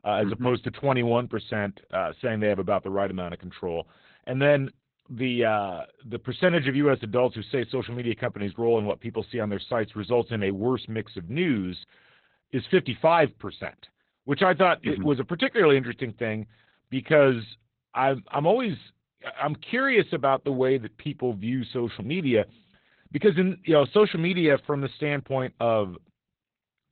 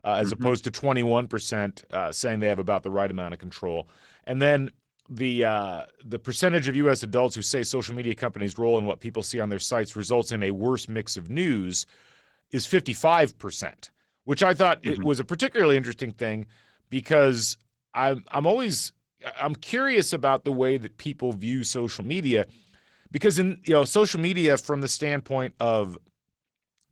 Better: second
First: garbled, watery; badly; nothing above 4 kHz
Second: garbled, watery; slightly

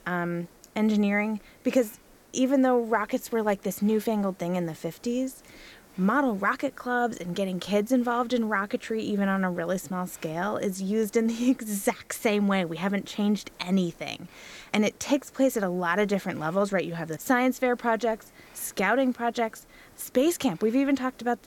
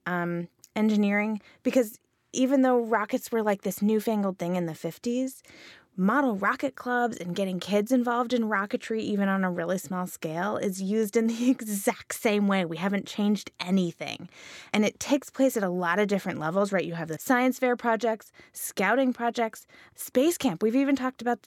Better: second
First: hiss; faint; throughout; 25 dB below the speech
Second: none

